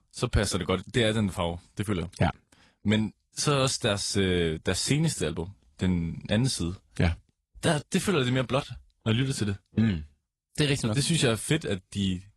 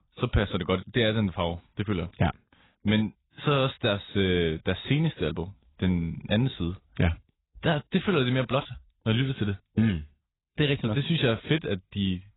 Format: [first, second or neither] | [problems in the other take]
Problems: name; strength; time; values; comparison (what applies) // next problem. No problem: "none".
first | garbled, watery; badly; nothing above 4 kHz; slightly in the first